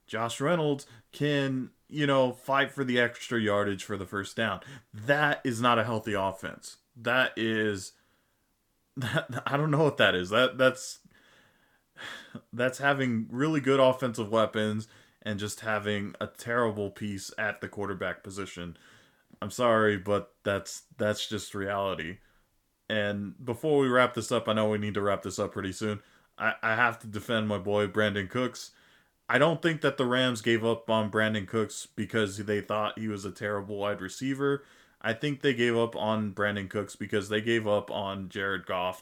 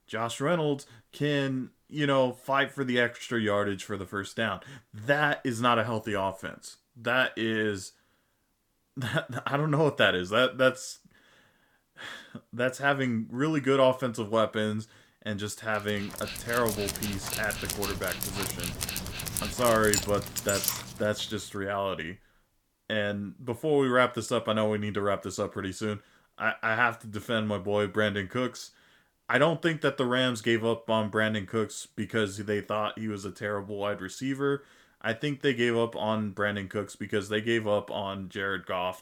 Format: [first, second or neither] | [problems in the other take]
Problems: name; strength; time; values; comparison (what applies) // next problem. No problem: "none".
first | dog barking; loud; from 16 to 21 s; peak level with the speech